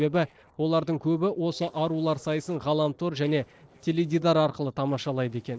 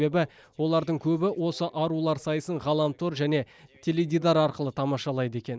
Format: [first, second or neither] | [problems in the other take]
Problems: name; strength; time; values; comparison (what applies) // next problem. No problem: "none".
second | noise reduction (neural separator model SepFormer DNS4)